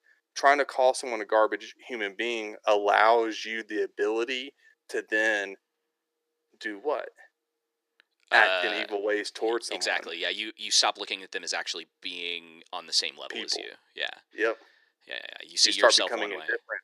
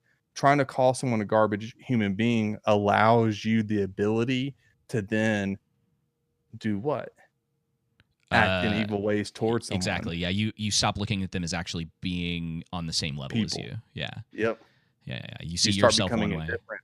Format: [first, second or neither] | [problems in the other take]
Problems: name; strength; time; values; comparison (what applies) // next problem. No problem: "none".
second | thin; very; fading below 350 Hz